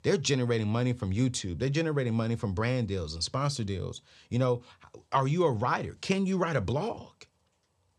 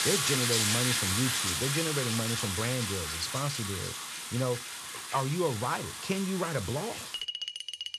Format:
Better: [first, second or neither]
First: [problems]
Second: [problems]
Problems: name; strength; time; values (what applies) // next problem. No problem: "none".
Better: first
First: none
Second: household noises; very loud; throughout; 2 dB above the speech